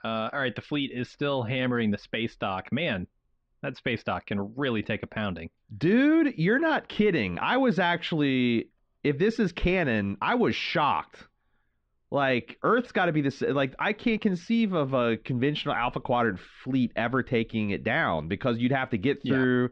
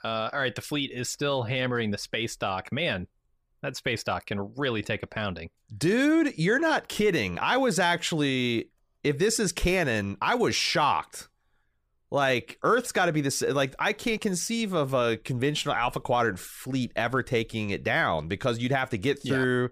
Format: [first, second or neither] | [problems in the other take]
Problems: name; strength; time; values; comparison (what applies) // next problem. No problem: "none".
second | muffled; slightly; fading above 3.5 kHz